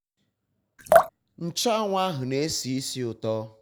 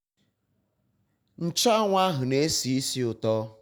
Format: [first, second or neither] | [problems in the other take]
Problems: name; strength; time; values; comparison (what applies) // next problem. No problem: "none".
second | background sound (Drip); 3 dB above the speech